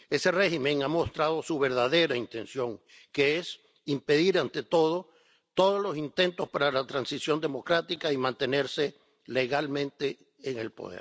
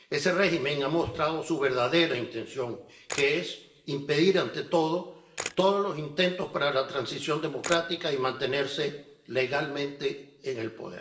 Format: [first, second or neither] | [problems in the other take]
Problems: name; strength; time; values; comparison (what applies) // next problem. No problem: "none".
first | background sound (Camera); 15 dB below the speech // room echo; dies away in 1 s